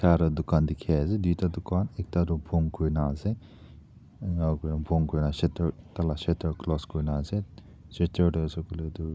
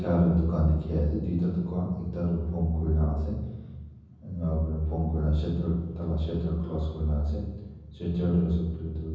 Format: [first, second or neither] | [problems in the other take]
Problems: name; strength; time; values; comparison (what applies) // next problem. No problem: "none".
first | room echo; dies away in 1.1 s